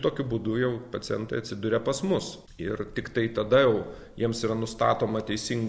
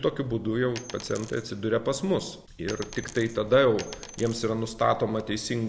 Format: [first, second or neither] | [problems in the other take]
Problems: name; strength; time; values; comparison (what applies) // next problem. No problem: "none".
first | background sound (Coin (dropping)); 17 dB below the speech